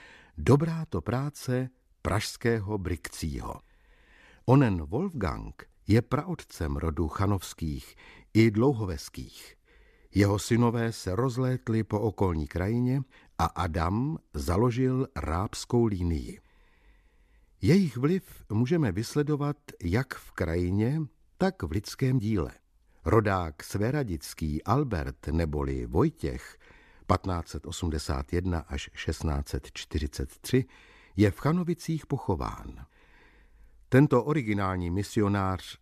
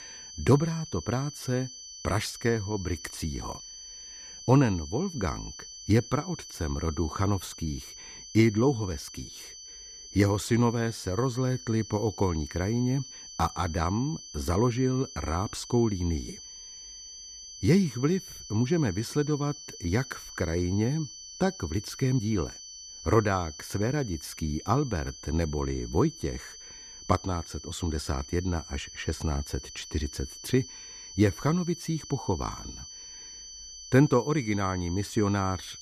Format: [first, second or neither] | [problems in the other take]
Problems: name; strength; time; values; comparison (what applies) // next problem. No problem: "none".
first | high-pitched whine; noticeable; throughout; 6 kHz, 15 dB below the speech